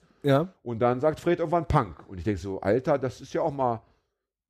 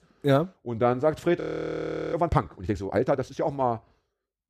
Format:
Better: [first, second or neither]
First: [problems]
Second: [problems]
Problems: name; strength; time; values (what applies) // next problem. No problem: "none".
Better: first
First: none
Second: audio freezing; at 1.5 s for 0.5 s